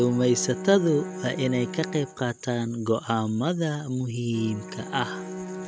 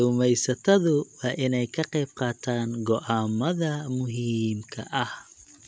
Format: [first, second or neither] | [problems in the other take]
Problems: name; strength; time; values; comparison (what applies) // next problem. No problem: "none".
second | background sound (Bowed string instrument); 12 dB below the speech